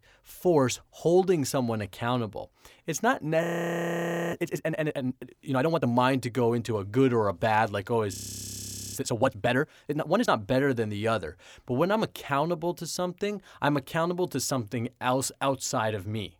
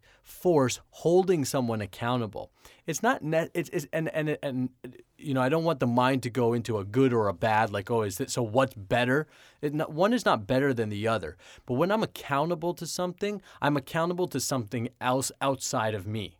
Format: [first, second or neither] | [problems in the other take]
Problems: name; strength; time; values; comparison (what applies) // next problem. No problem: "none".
second | audio freezing; at 3.5 s for 1 s and at 8 s for 1 s